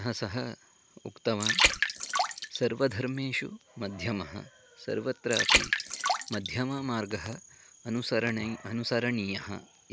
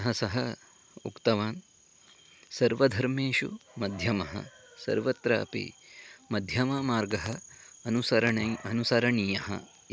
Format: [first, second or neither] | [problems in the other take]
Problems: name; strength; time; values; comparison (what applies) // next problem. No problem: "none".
second | background sound (Water); 1 dB above the speech